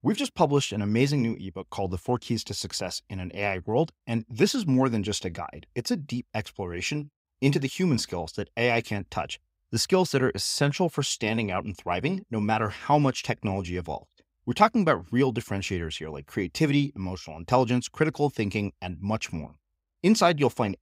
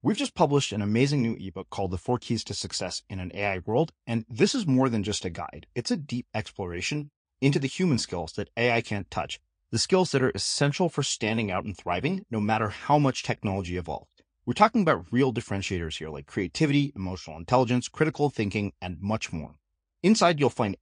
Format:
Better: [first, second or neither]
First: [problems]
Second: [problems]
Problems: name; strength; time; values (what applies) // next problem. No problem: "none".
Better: first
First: none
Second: garbled, watery; slightly; nothing above 9.5 kHz